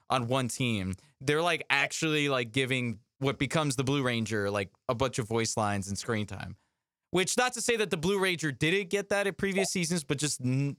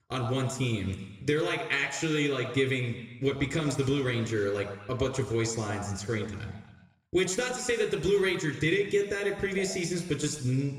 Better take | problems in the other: first | room echo; slight; dies away in 1.2 s // off-mic speech; somewhat distant

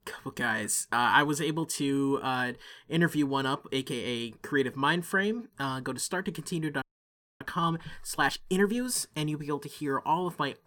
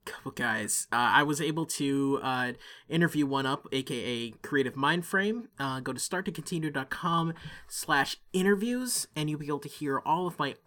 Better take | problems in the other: second | audio freezing; at 7 s for 0.5 s

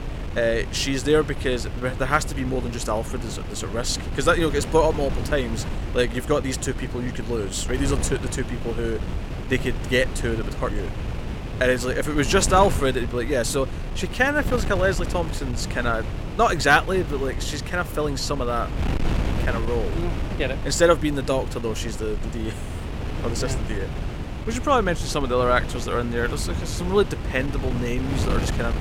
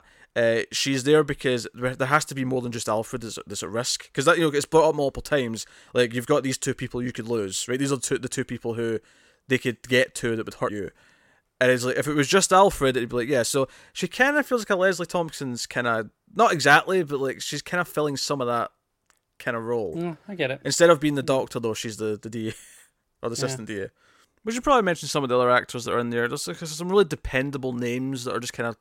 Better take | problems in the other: second | wind noise on the microphone; occasional gusts; 10 dB below the speech

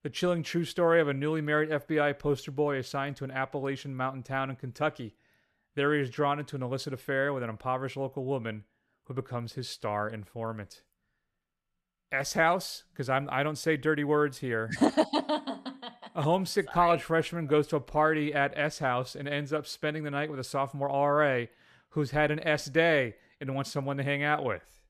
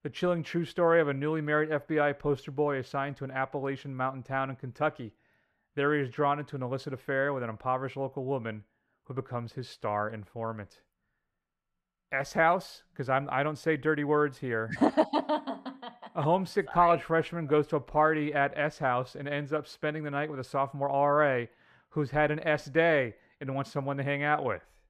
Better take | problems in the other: first | muffled; slightly; fading above 3.5 kHz

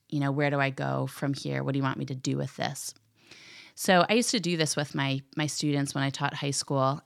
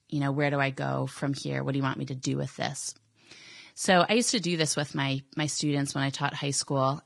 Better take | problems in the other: first | garbled, watery; badly; nothing above 10.5 kHz

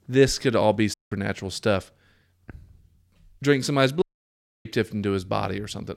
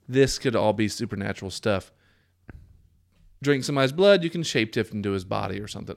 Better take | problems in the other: second | audio cutting out; at 1 s and at 4 s for 0.5 s

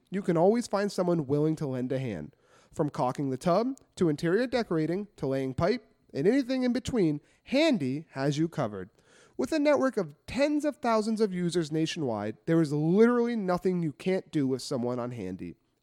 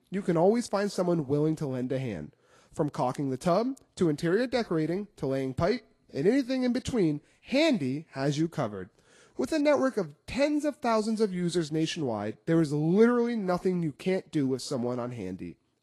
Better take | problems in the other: first | garbled, watery; slightly; nothing above 11.5 kHz

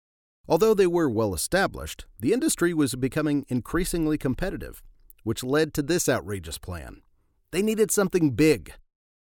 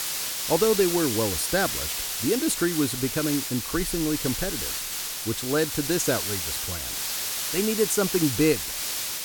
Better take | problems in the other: first | hiss; loud; throughout; 2 dB below the speech

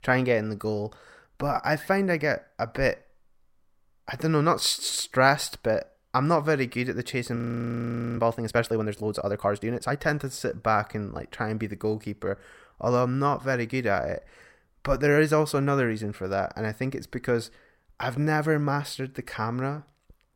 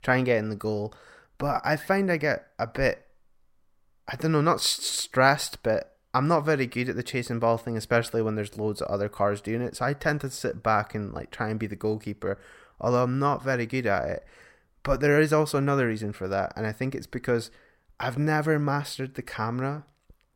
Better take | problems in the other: second | audio freezing; at 7.5 s for 1 s

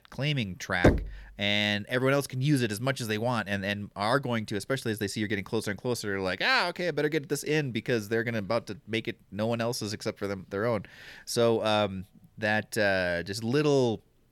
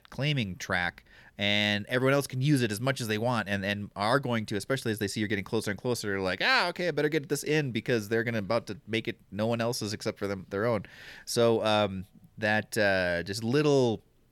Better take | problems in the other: second | door banging; loud; at 1 s; peak 4 dB above the speech

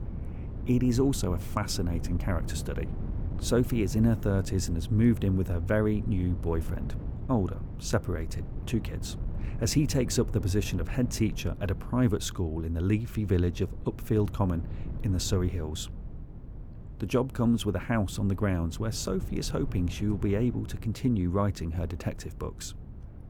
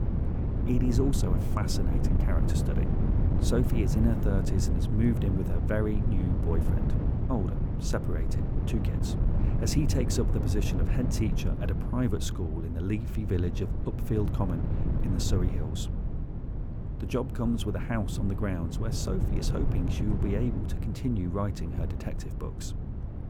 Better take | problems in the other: first | wind noise on the microphone; heavy; 4 dB below the speech; occasional gusts in the first

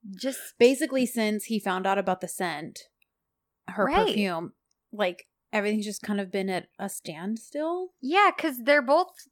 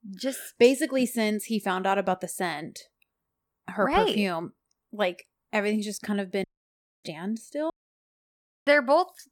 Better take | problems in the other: first | audio cutting out; at 6.5 s for 0.5 s and at 7.5 s for 1 s

